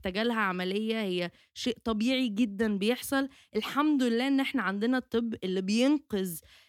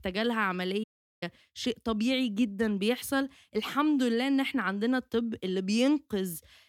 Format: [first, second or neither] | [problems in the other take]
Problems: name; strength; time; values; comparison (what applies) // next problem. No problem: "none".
first | audio cutting out; at 1 s